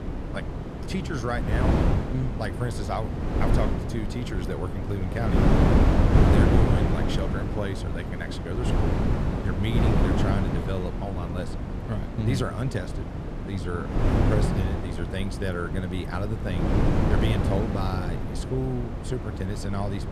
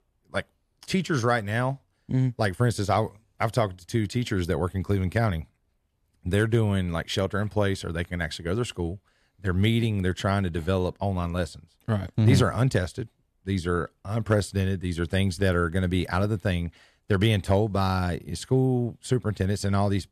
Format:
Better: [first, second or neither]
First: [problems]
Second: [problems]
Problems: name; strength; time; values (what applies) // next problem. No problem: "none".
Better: second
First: wind noise on the microphone; heavy; 2 dB above the speech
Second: none